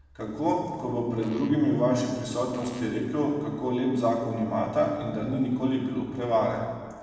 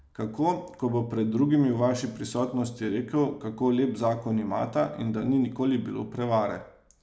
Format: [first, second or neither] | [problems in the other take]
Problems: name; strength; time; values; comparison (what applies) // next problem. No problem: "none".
second | background sound (Fart); 19 dB below the speech // room echo; dies away in 1.5 s